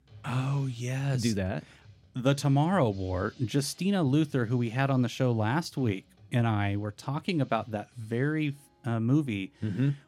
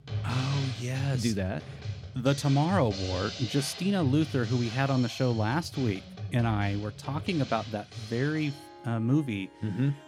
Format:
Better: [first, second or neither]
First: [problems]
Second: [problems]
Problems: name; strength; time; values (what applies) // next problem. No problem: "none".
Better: first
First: background music; faint; throughout; 30 dB below the speech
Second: background music; loud; throughout; 10 dB below the speech